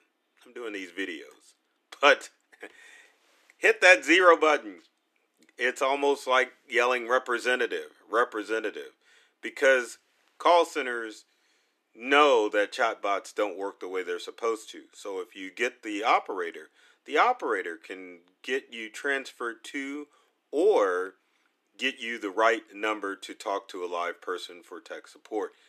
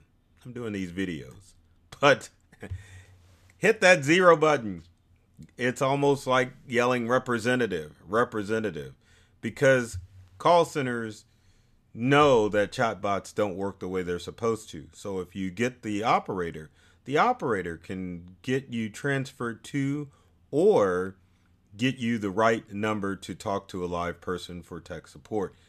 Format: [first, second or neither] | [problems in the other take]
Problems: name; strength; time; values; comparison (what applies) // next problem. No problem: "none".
second | thin; somewhat; fading below 300 Hz